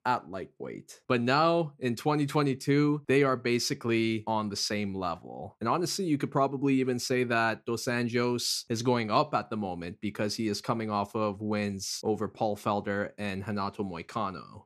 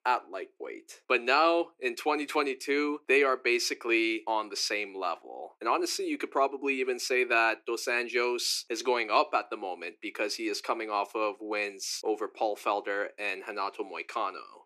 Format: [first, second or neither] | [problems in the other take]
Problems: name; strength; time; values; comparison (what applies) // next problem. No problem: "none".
first | thin; somewhat; fading below 350 Hz